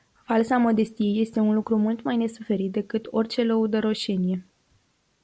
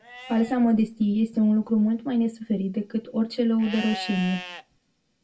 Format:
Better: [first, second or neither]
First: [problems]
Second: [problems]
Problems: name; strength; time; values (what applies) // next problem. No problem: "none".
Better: first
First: none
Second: background sound (Livestock, farm animals, working animals); 17 dB below the speech // room echo; dies away in 0.2 s